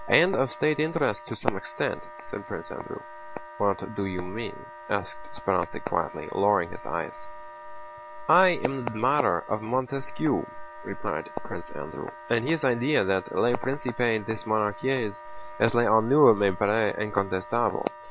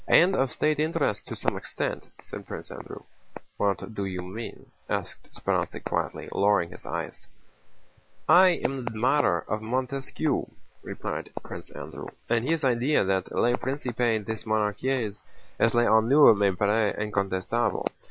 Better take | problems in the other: second | background sound (Wind instrument, woodwind instrument); 16 dB below the speech

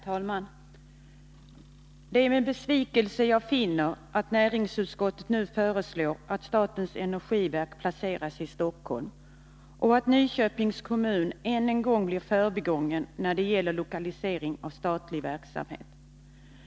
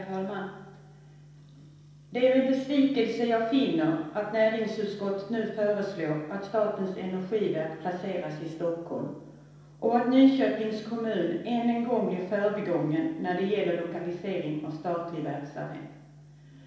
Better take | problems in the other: first | room echo; dies away in 0.9 s

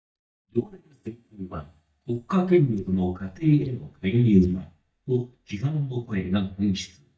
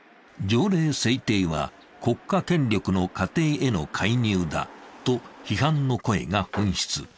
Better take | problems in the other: second | noise reduction (neural mask model DeepFilterNet 3)

